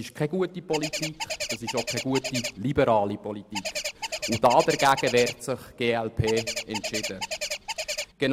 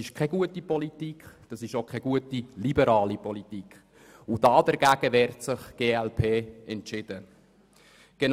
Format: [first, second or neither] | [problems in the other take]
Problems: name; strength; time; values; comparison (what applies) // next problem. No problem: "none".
second | background sound (Bird); 6 dB below the speech